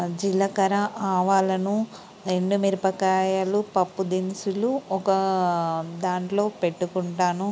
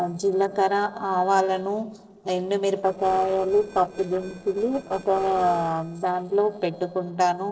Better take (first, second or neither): first